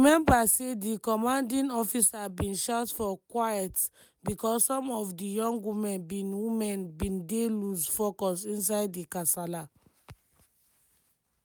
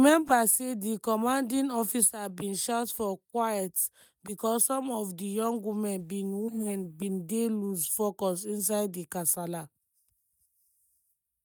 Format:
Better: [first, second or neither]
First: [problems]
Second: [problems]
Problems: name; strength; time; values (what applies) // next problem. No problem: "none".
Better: first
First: none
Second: noise reduction (neural mask model DeepFilterNet 3)